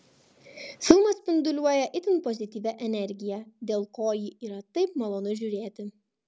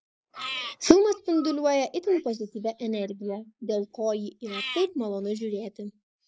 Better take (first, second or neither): first